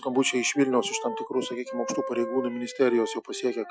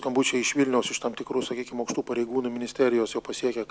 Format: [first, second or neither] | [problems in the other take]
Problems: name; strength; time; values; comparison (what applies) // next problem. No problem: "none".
second | noise reduction (classical method Wiener filter)